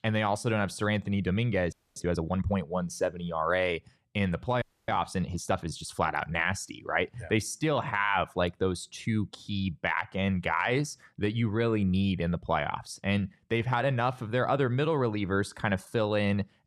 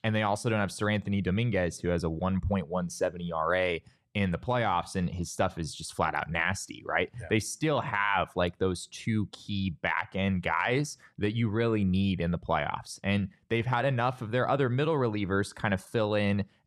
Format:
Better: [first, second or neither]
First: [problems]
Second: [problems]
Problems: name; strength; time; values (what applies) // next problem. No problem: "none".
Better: second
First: audio freezing; at 1.5 s and at 4.5 s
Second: none